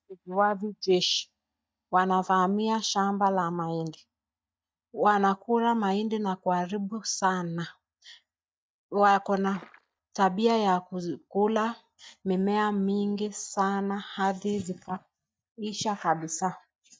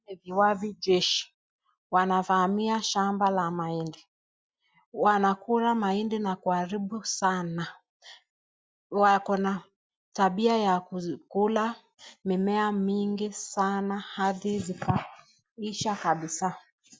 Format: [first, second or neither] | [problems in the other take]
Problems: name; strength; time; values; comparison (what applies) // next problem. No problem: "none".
second | noise reduction (neural mask model DeepFilterNet 3)